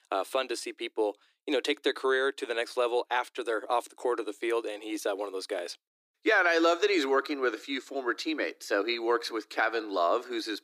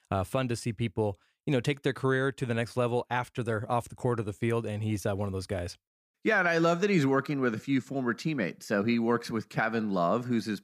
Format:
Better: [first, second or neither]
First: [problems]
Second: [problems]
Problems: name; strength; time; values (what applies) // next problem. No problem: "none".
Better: second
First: thin; very; fading below 300 Hz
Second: none